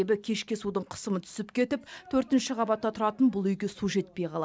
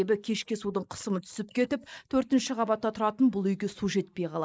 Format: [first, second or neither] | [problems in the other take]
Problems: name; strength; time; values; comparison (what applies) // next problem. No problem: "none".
first | noise reduction (neural mask model Resemble Enhance denoiser)